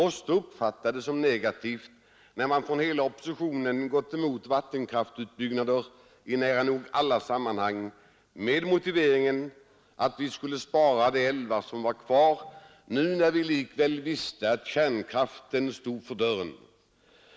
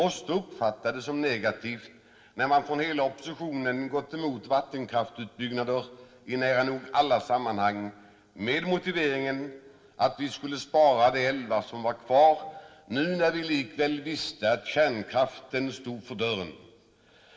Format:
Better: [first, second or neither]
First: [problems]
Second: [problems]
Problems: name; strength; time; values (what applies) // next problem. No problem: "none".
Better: first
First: none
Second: room echo; dies away in 1 s